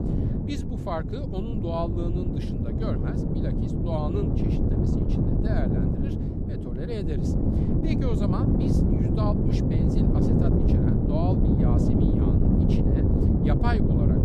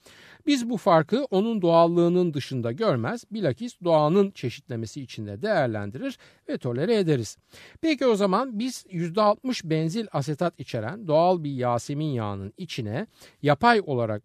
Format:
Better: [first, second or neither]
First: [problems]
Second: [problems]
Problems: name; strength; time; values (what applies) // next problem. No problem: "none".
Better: second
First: wind noise on the microphone; heavy; 3 dB above the speech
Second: none